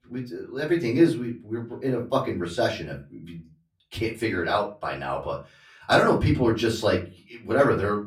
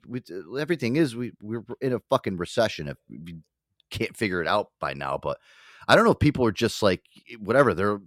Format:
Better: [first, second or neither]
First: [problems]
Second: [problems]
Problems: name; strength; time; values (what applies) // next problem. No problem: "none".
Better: second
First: off-mic speech; far // room echo; very slight; dies away in 0.3 s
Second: none